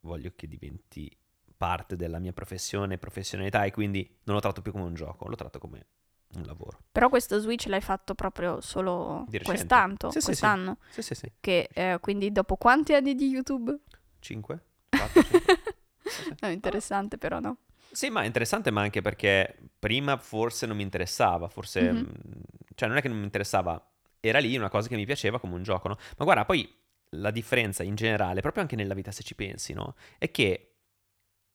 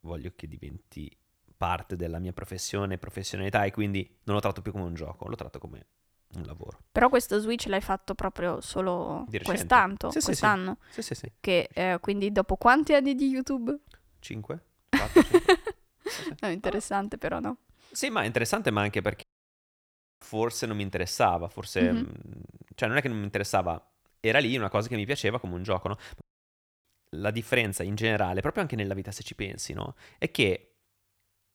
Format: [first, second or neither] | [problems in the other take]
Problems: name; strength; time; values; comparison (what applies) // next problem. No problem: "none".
first | audio cutting out; at 19 s for 1 s and at 26 s for 0.5 s